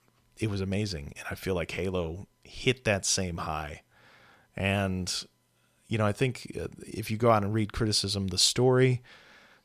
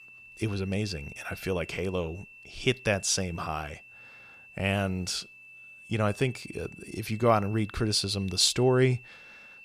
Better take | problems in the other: first | high-pitched whine; noticeable; throughout; 2.5 kHz, 20 dB below the speech

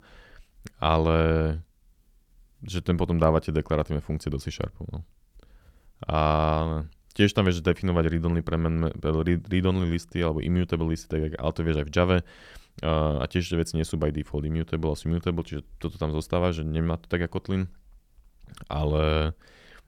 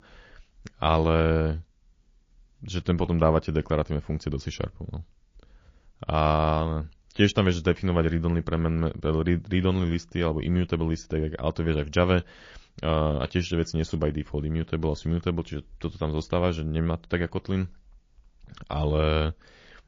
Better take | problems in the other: first | garbled, watery; slightly; nothing above 6 kHz

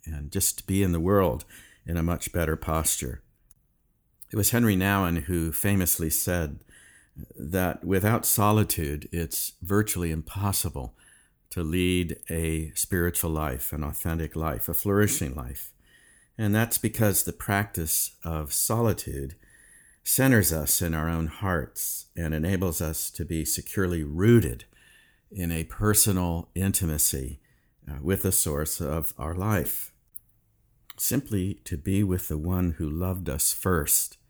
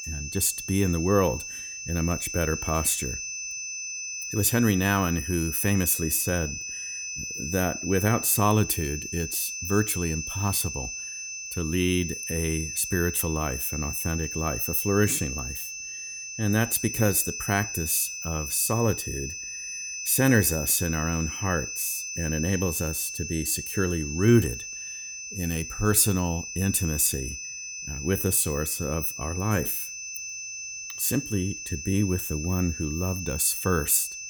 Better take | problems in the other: first | high-pitched whine; loud; throughout; 6 kHz, 7 dB below the speech

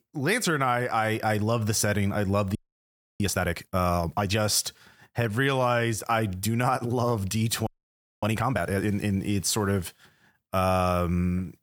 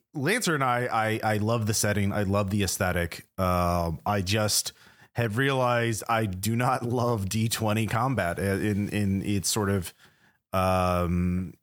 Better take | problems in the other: second | audio freezing; at 2.5 s for 0.5 s and at 7.5 s for 0.5 s

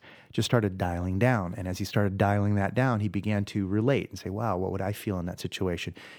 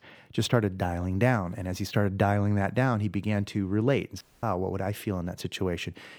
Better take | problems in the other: first | audio cutting out; at 4 s

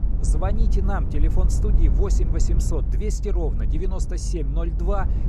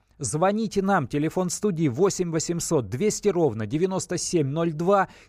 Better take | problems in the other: second | low rumble; loud; throughout; 8 dB below the speech

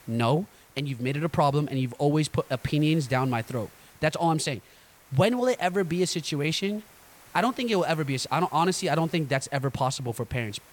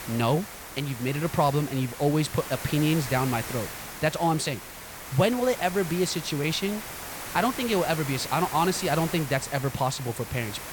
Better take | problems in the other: first | hiss; loud; throughout; 9 dB below the speech; faint in the first

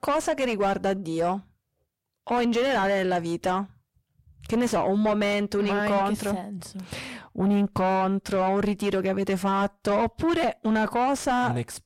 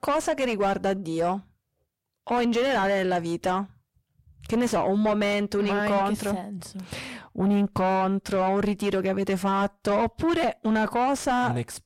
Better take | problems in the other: neither | distortion; heavy; 7 dB below the speech; the same in both

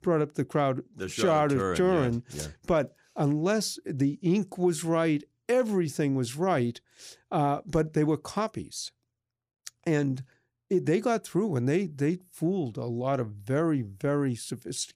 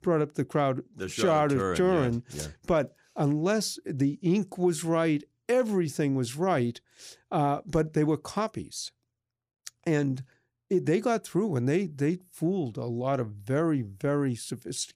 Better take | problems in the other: neither | none

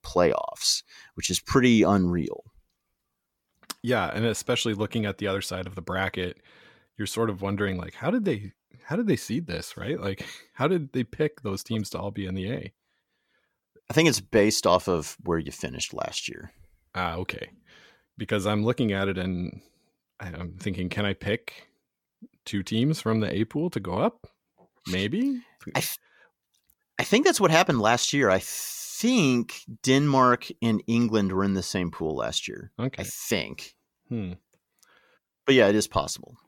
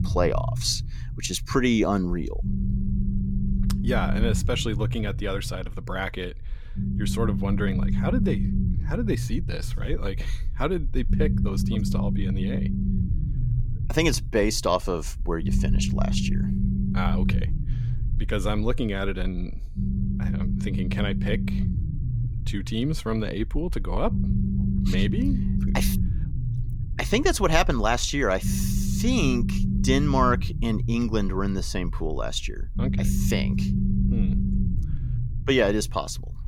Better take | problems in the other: first | low rumble; loud; throughout; 9 dB below the speech

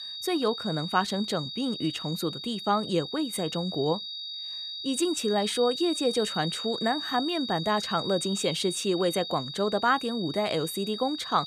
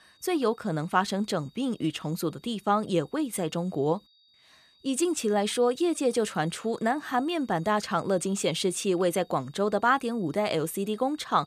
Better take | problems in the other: second | high-pitched whine; loud; throughout; 4 kHz, 6 dB below the speech; faint in the second

